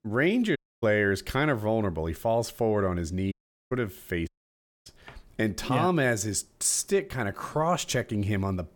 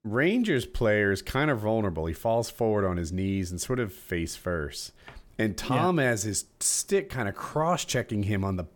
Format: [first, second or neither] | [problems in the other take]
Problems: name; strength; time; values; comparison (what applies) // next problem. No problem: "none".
second | audio cutting out; at 0.5 s, at 3.5 s and at 4.5 s for 0.5 s